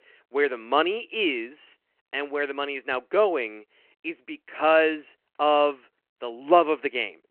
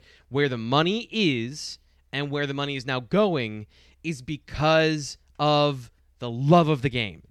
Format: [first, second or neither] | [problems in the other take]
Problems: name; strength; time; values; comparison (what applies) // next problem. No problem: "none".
second | phone-call audio